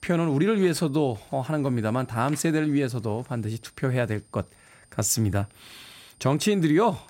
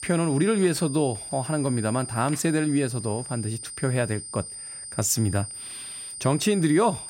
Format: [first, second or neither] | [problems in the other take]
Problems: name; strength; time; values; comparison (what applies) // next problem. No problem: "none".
first | high-pitched whine; loud; throughout; 9 kHz, 10 dB below the speech; faint in the first